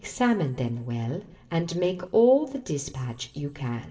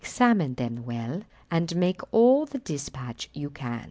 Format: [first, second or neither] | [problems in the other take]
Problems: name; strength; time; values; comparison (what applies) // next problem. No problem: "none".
second | room echo; dies away in 0.8 s